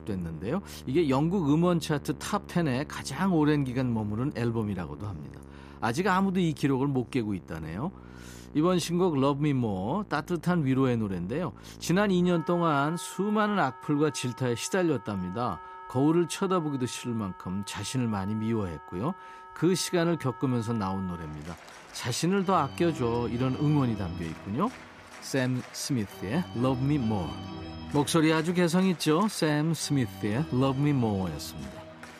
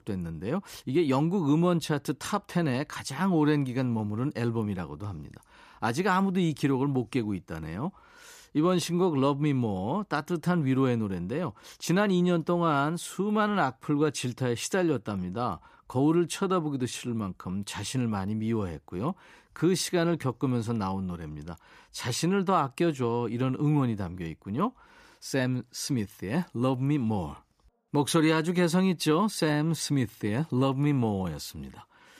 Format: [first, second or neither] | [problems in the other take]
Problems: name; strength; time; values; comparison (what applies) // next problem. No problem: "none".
second | background music; noticeable; throughout; 15 dB below the speech